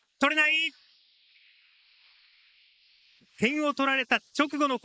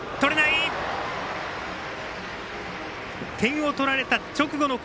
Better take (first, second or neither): second